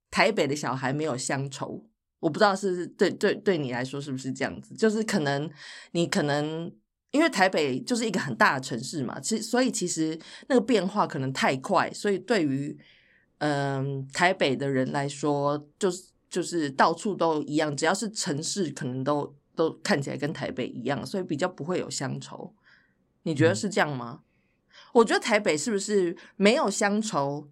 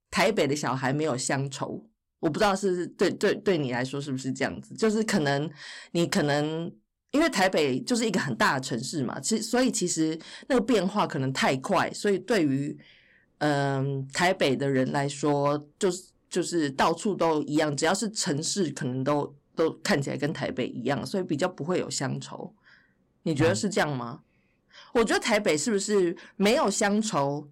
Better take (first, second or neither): first